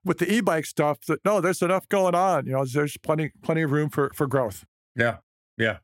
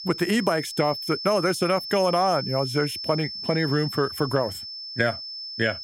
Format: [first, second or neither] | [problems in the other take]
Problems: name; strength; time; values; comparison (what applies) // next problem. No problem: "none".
first | high-pitched whine; loud; throughout; 5.5 kHz, 7 dB below the speech